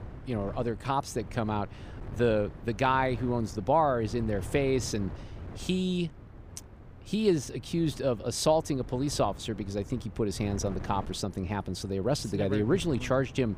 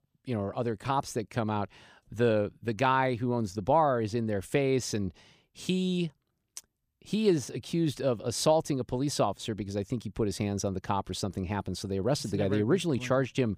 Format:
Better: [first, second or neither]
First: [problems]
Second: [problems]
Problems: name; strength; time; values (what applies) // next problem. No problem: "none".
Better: second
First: wind noise on the microphone; occasional gusts; 20 dB below the speech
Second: none